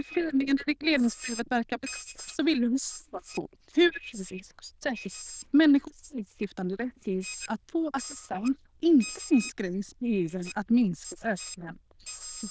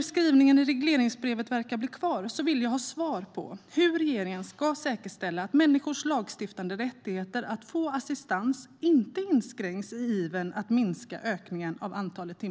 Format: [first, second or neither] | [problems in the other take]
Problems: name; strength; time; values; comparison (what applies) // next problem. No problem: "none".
second | noise reduction (neural diffusion model UNIVERSE++)